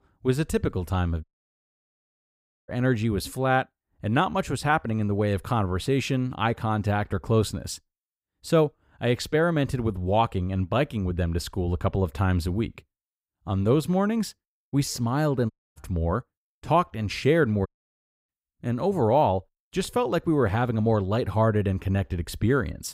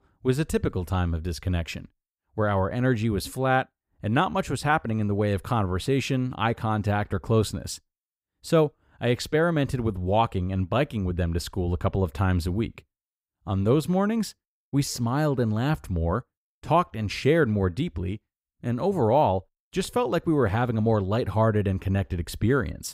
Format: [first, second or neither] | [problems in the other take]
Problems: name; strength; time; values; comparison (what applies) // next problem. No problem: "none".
second | audio cutting out; at 1 s for 1.5 s, at 16 s and at 18 s for 0.5 s